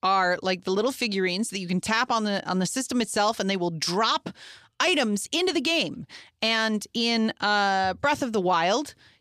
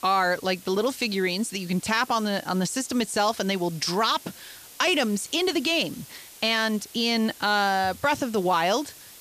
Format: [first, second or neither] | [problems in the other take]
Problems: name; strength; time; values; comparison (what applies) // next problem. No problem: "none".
first | hiss; noticeable; throughout; 20 dB below the speech